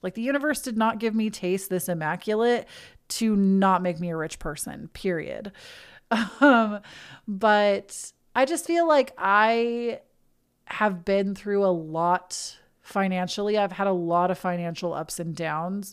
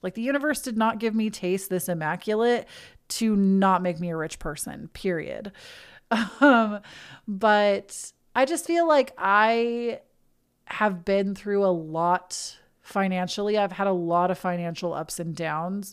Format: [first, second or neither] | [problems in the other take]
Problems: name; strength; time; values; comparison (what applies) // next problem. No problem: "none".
neither | none